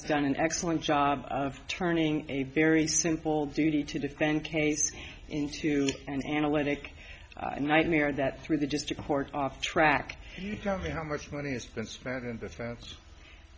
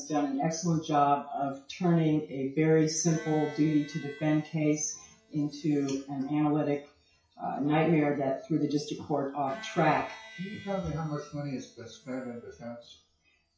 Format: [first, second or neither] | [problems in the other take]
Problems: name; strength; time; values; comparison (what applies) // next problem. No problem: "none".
first | noise reduction (classical method WPE with log-MMSE)